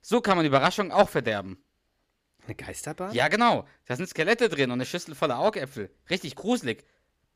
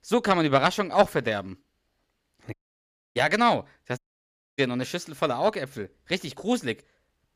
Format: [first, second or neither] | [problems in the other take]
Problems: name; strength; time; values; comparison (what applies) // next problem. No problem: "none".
first | audio cutting out; at 2.5 s for 0.5 s and at 4 s for 0.5 s